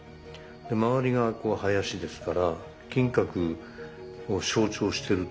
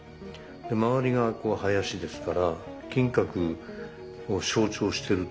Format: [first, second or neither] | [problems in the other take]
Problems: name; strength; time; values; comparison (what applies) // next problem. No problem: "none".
first | background sound (Guitar); 17 dB below the speech